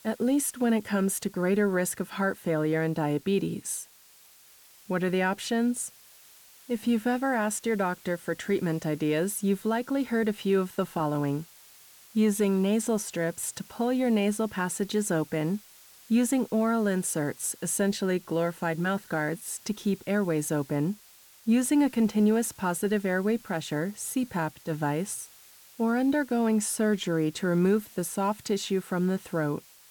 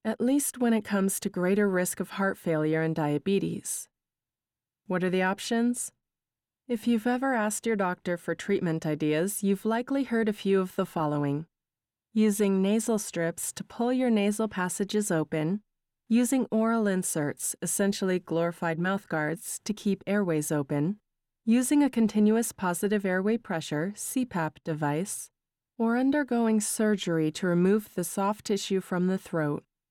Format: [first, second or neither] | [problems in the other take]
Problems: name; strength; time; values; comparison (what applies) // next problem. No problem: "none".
second | hiss; faint; throughout; 25 dB below the speech